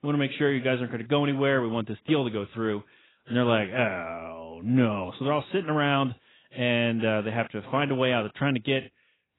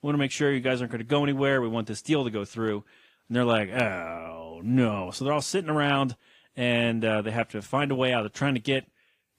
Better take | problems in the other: second | garbled, watery; badly; nothing above 3.5 kHz; slightly in the second

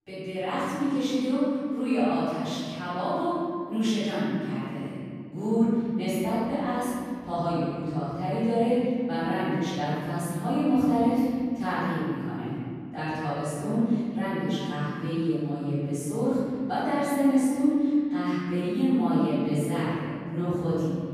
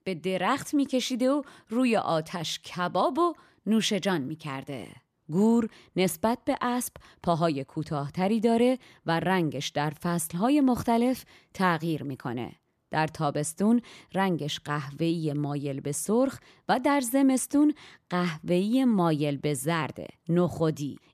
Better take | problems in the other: second | room echo; strong; dies away in 2.7 s // off-mic speech; far

